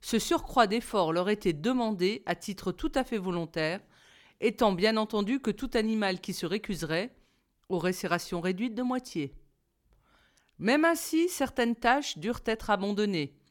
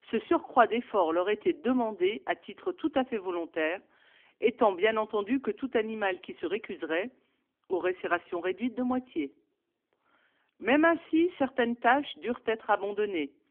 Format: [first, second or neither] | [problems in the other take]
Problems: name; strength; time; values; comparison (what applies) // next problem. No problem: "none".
first | phone-call audio; nothing above 3.5 kHz